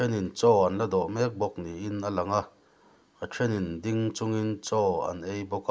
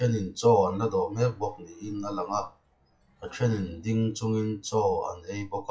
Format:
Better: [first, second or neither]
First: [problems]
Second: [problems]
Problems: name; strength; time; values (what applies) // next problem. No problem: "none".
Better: first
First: none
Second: noise reduction (classical method WPE with log-MMSE)